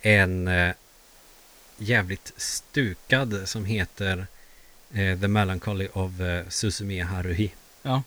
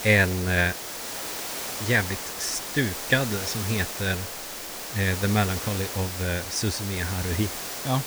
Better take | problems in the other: first | hiss; loud; throughout; 5 dB below the speech; faint in the first

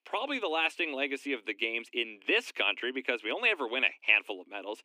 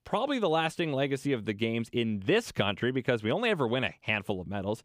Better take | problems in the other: second | thin; very slightly; fading below 250 Hz

